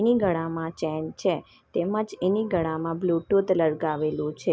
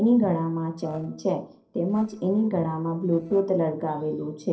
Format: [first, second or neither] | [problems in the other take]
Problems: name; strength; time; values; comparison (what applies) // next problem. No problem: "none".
first | noise reduction (neural separator model SepFormer DNS4)